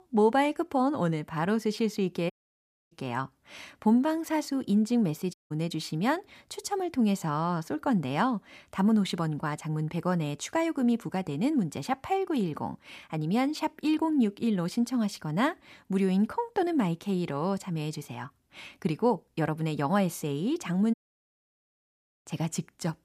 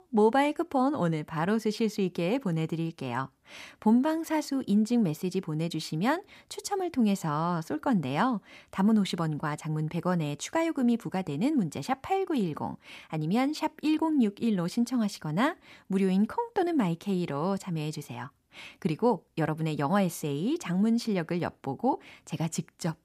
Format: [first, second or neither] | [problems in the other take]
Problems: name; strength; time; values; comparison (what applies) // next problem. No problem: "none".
second | audio cutting out; at 2.5 s for 0.5 s, at 5.5 s and at 21 s for 1.5 s